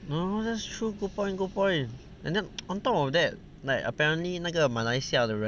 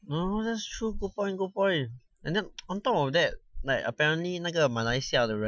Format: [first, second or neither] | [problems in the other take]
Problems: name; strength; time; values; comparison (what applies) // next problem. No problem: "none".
first | noise reduction (classical method Wiener filter)